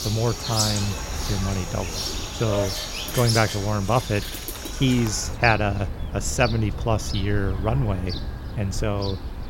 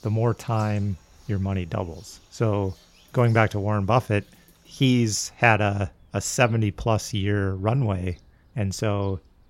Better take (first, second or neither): second